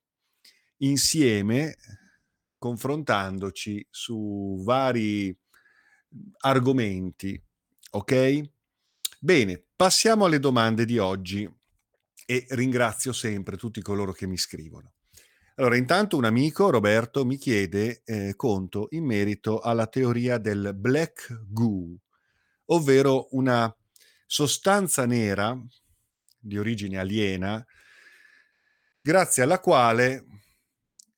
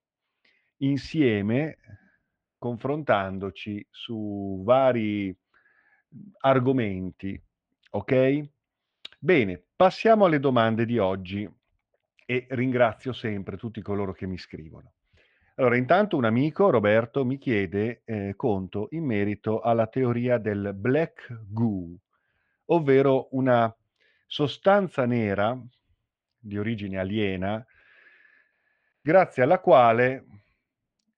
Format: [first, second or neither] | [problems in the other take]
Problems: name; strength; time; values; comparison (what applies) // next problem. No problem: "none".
first | muffled; very; fading above 3 kHz